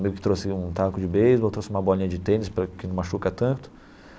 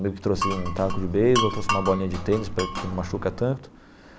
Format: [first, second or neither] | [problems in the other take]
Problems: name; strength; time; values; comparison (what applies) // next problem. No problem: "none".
first | background sound (Glass); 3 dB below the speech